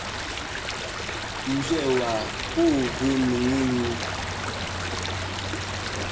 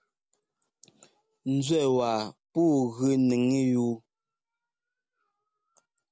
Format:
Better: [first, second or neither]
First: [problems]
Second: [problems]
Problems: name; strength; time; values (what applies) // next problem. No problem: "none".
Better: second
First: background sound (Stream); 3 dB below the speech // room echo; dies away in 0.6 s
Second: none